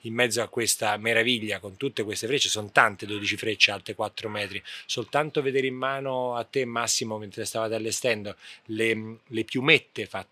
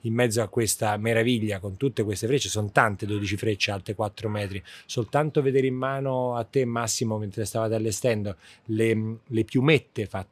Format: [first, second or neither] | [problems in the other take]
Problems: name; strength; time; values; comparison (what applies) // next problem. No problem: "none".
second | thin; very slightly; fading below 700 Hz